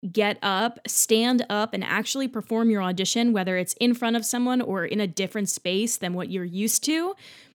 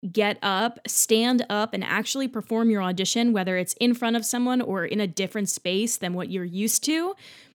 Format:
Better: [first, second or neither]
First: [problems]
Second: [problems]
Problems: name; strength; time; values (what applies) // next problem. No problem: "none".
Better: neither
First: none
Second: none